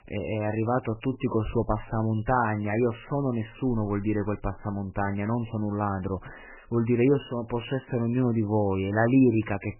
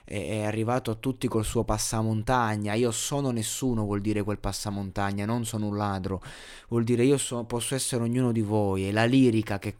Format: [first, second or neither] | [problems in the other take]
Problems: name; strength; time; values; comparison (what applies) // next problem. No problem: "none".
second | garbled, watery; badly; nothing above 3 kHz